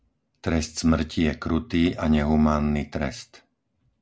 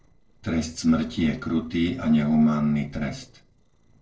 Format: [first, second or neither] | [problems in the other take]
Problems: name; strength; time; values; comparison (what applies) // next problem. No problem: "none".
first | noise reduction (neural separator model SepFormer DNS4)